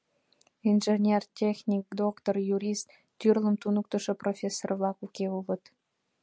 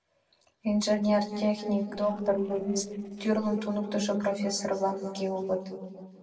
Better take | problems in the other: first | noise reduction (neural separator model SepFormer DNS4)

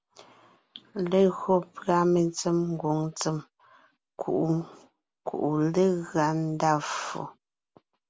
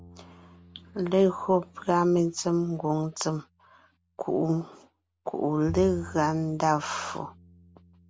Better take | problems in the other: first | background sound (Bowed string instrument); 19 dB below the speech

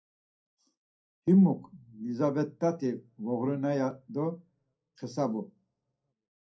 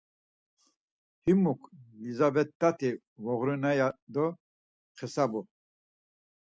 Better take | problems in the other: second | room echo; dies away in 0.3 s

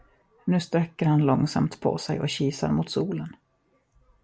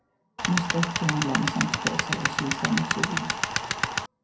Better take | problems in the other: first | background sound (Tools); 2 dB above the speech // room echo; dies away in 0.4 s

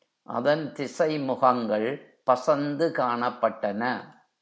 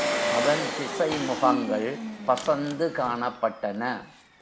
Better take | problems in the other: first | background sound (Engine); 4 dB below the speech

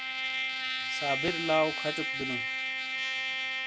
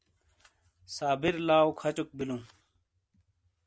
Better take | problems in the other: second | background sound (Trumpet); 2 dB above the speech

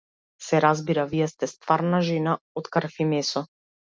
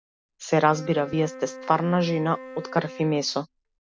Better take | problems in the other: first | background sound (Wind instrument, woodwind instrument); 16 dB below the speech

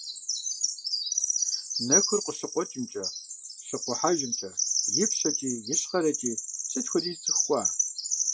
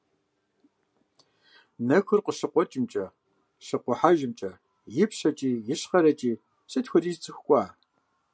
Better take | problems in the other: second | noise reduction (classical method log-MMSE)

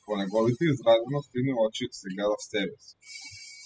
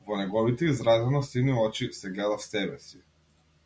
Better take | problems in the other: second | noise reduction (classical method spectral subtraction)

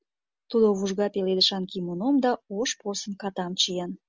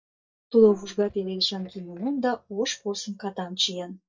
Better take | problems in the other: first | noise reduction (neural mask model DeepFilterNet 3)

